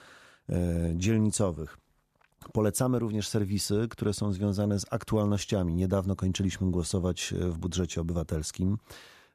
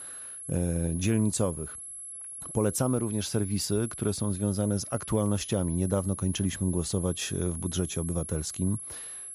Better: first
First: none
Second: high-pitched whine; loud; throughout; 11 kHz, 8 dB below the speech

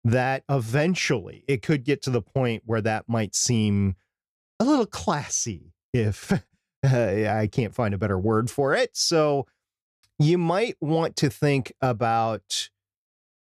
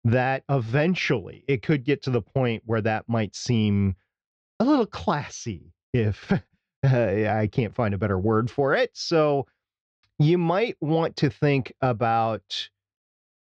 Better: first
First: none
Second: muffled; slightly; fading above 4.5 kHz

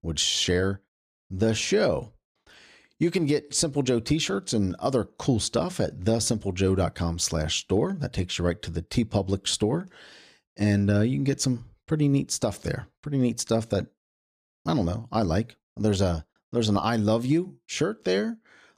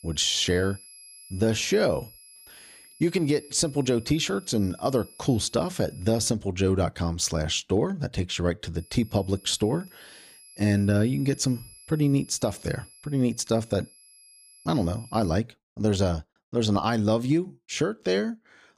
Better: first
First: none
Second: high-pitched whine; faint; until 6.5 s and from 9 to 15 s; 11 kHz, 20 dB below the speech

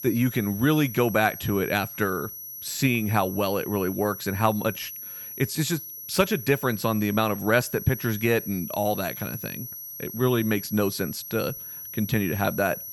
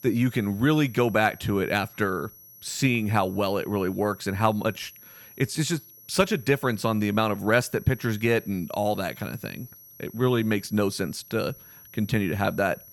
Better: second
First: high-pitched whine; loud; throughout; 11.5 kHz, 10 dB below the speech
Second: high-pitched whine; faint; throughout; 11.5 kHz, 20 dB below the speech

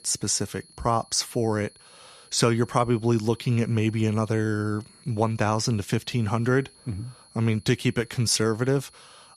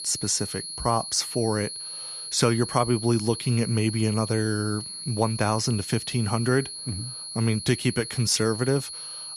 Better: first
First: high-pitched whine; faint; throughout; 4.5 kHz, 25 dB below the speech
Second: high-pitched whine; loud; throughout; 4.5 kHz, 8 dB below the speech

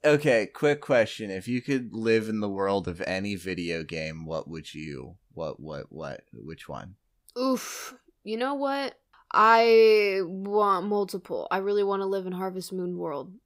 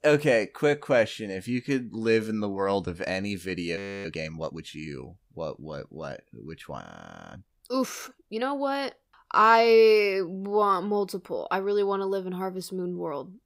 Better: first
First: none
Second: audio freezing; at 4 s and at 7 s for 0.5 s

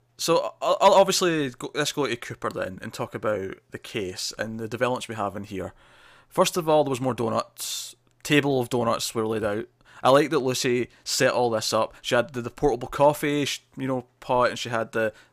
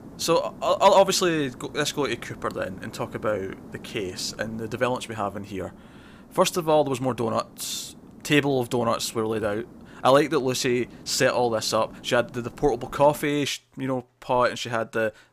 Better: first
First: none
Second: hiss; faint; until 13 s; 20 dB below the speech

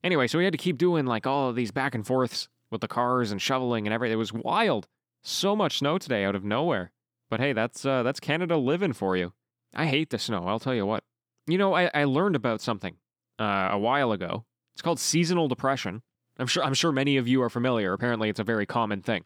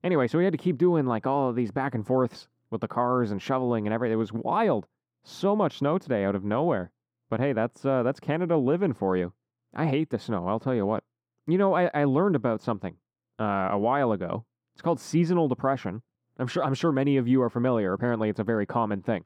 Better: first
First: none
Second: muffled; slightly; fading above 2 kHz

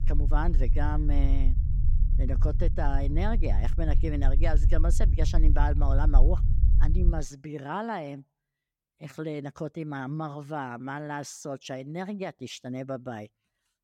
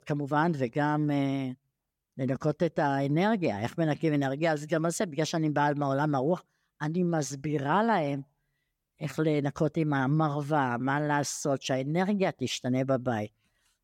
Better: second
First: low rumble; noticeable; until 7 s; 10 dB below the speech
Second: none

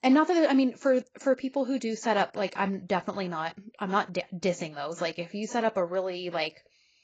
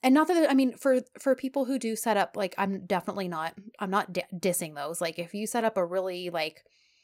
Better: second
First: garbled, watery; badly; nothing above 7.5 kHz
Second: none

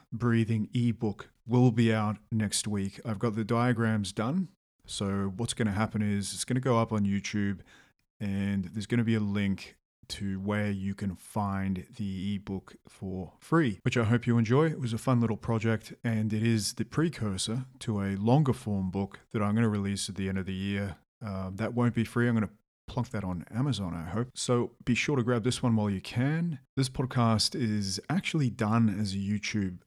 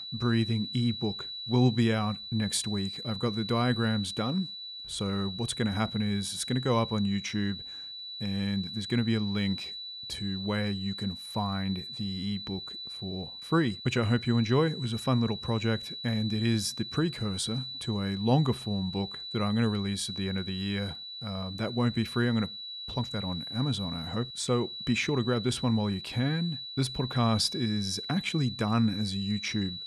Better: first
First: none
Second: high-pitched whine; loud; throughout; 4 kHz, 7 dB below the speech

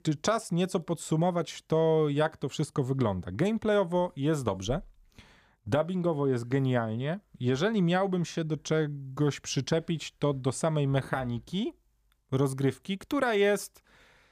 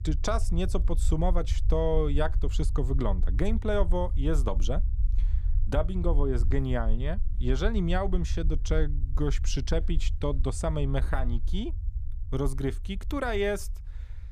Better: first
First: none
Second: low rumble; noticeable; throughout; 20 dB below the speech

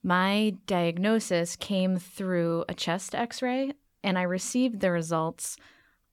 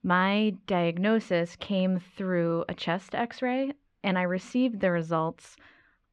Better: first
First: none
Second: muffled; slightly; fading above 2.5 kHz

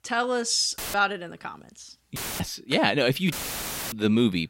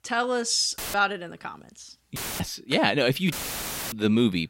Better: neither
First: audio cutting out; filled with static; at 1 s, at 2 s and at 3.5 s for 0.5 s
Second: audio cutting out; filled with static; at 1 s, at 2 s and at 3.5 s for 0.5 s

